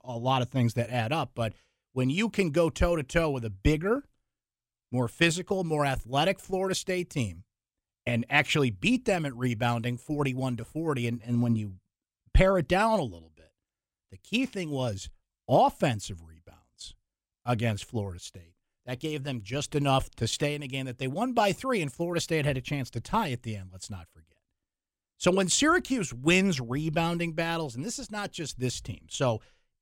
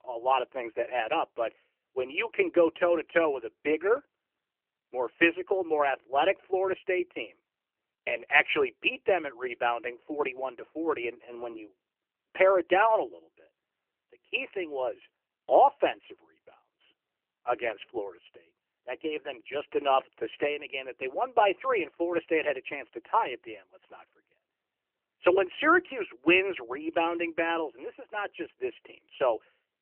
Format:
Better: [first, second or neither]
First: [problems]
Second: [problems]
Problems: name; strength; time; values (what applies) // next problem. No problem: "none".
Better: first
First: none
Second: phone-call audio; nothing above 3 kHz